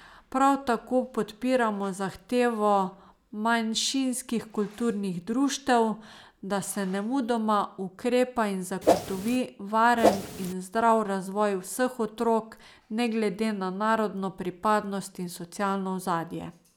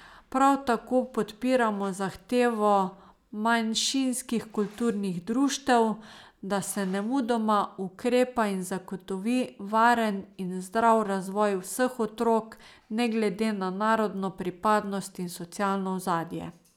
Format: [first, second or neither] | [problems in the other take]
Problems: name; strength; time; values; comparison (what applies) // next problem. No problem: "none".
second | background sound (Whoosh, swoosh, swish); 2 dB above the speech